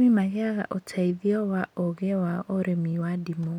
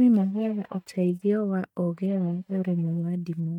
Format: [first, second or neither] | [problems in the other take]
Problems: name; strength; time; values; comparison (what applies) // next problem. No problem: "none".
first | noise reduction (neural mask model DeepFilterNet 3)